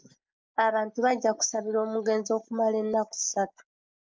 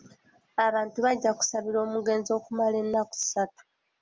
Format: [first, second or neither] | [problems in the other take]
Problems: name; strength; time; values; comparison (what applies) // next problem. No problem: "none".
second | noise reduction (neural mask model Resemble Enhance denoiser)